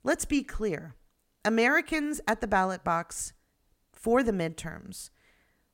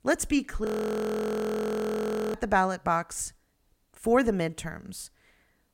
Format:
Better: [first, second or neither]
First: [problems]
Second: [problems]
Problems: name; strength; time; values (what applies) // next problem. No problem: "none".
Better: first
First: none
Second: audio freezing; at 0.5 s for 1.5 s